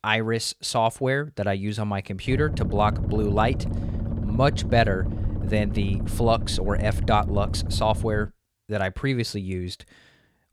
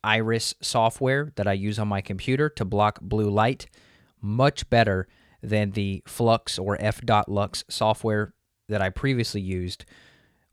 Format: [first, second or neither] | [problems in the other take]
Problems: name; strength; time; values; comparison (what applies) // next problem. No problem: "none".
second | low rumble; noticeable; from 2.5 to 8.5 s; 15 dB below the speech